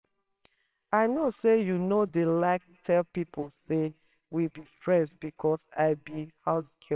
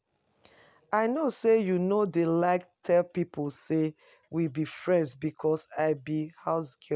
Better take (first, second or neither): second